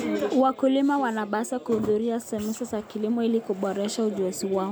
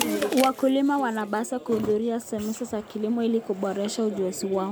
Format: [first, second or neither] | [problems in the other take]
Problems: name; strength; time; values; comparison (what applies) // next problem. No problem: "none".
first | background sound (Chewing, mastication); 15 dB below the speech